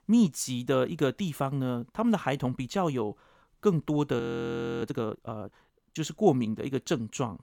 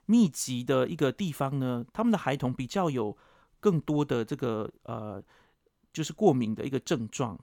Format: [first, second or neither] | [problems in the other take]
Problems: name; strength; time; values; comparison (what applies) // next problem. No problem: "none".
second | audio freezing; at 4 s for 0.5 s